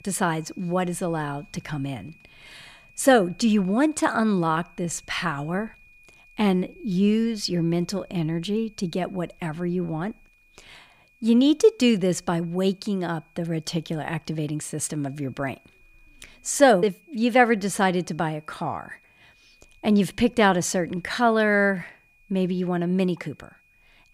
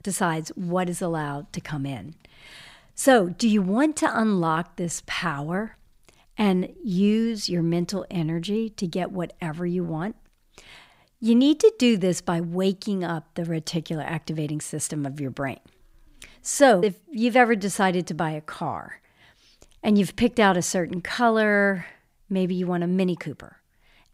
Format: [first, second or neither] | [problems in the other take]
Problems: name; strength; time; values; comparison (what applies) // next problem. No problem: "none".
second | high-pitched whine; faint; throughout; 2.5 kHz, 30 dB below the speech